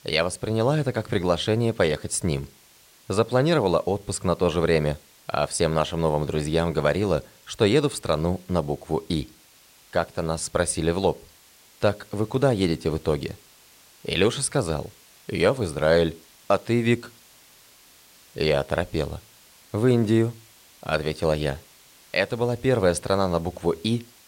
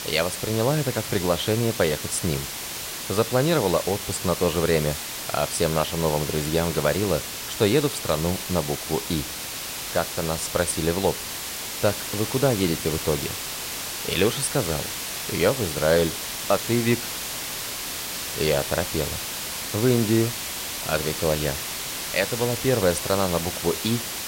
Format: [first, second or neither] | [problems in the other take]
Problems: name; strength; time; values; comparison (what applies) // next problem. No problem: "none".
first | hiss; loud; throughout; 4 dB below the speech; faint in the first